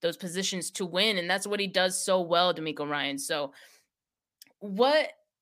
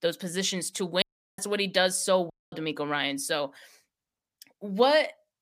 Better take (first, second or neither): first